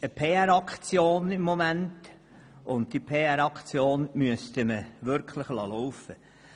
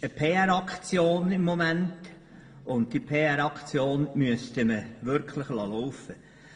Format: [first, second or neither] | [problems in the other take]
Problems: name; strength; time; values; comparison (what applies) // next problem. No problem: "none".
first | room echo; dies away in 1 s